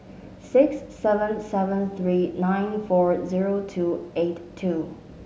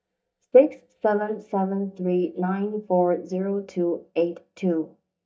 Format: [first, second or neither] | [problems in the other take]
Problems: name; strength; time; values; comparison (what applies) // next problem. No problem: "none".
first | noise reduction (neural mask model DeepFilterNet 3)